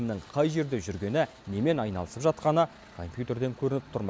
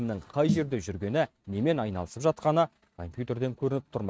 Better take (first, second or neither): first